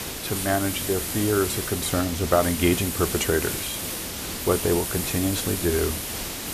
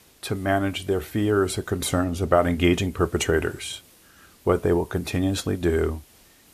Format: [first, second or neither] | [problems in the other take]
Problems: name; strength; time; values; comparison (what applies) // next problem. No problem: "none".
second | hiss; loud; throughout; 3 dB below the speech; faint in the second